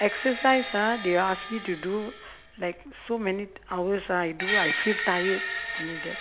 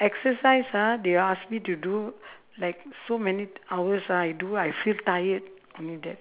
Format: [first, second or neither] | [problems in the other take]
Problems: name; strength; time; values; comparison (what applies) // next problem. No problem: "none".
second | background sound (Screech); 6 dB below the speech